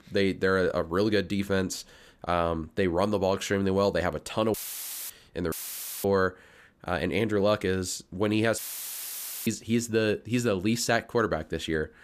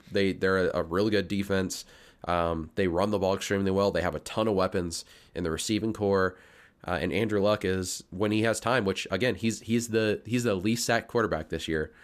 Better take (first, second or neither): second